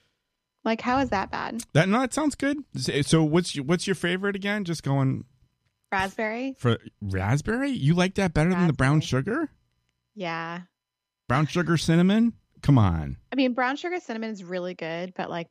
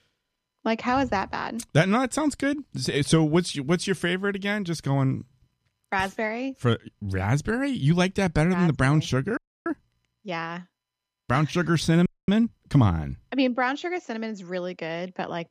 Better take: first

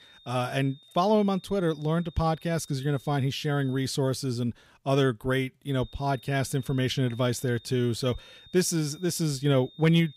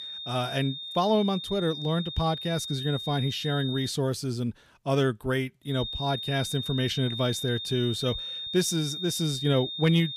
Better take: first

